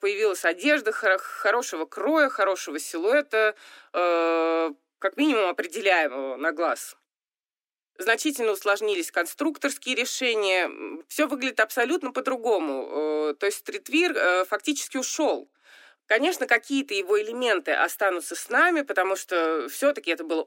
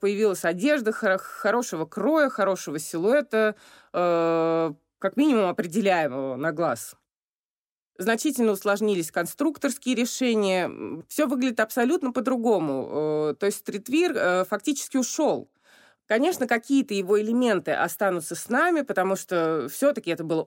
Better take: second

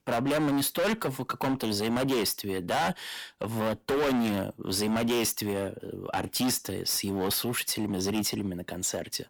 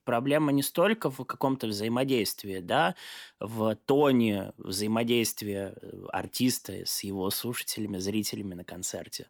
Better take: second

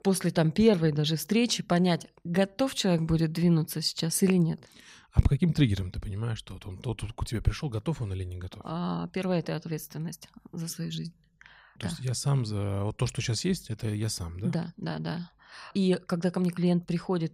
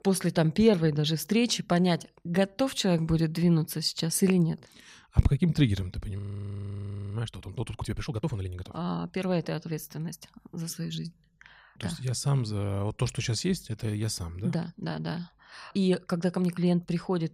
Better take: first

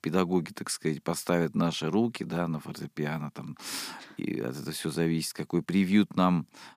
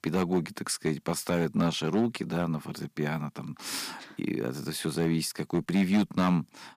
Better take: first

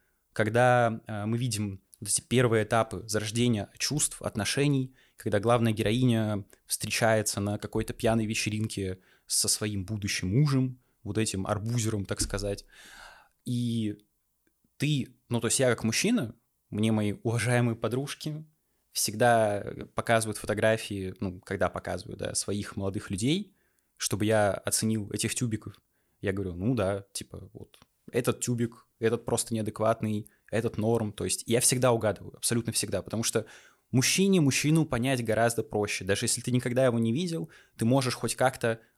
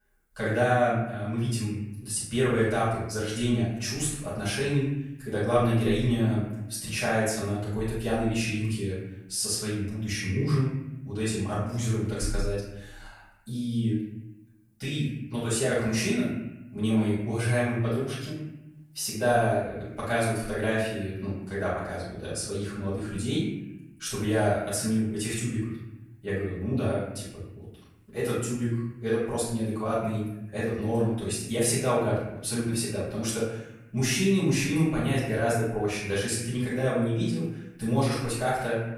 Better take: first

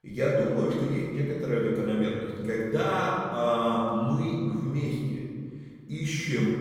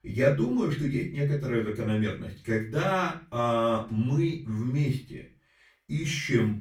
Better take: second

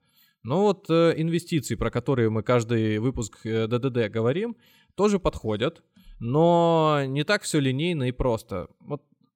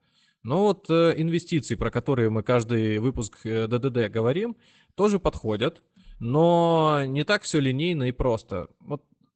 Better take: first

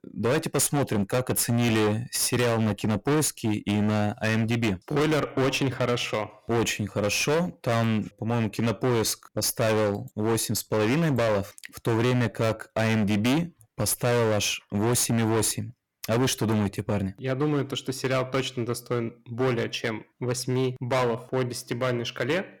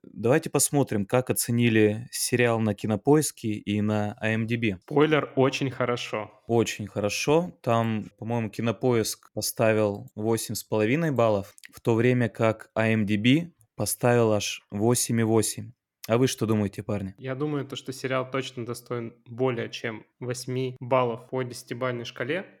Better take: second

